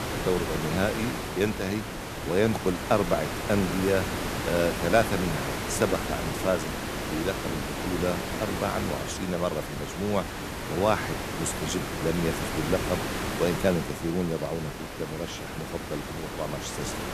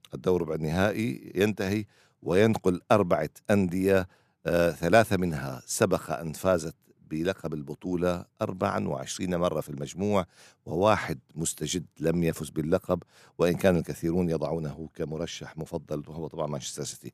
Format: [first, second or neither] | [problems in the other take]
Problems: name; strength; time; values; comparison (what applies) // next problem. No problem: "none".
second | hiss; loud; throughout; 3 dB below the speech